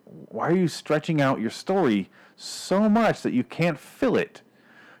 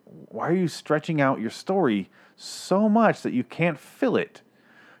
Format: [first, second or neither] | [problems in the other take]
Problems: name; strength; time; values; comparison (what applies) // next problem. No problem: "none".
second | distortion; slight; 4% of the sound clipped